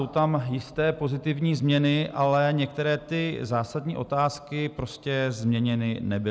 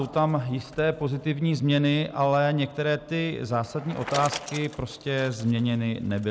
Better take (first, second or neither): first